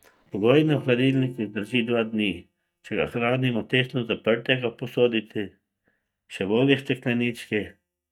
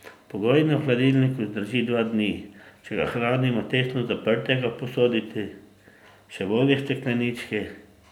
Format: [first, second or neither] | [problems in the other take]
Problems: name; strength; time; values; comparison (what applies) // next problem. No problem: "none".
second | noise reduction (neural mask model DeepFilterNet 3)